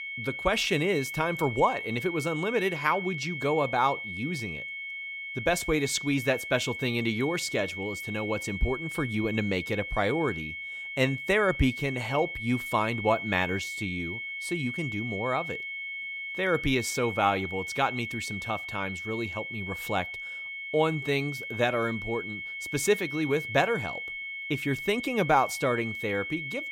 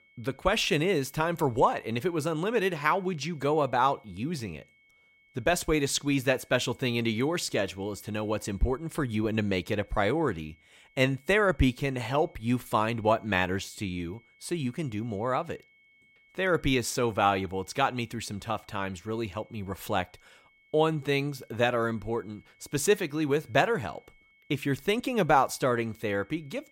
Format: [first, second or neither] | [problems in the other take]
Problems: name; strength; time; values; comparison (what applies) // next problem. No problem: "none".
second | high-pitched whine; loud; throughout; 2 kHz, 6 dB below the speech; faint in the second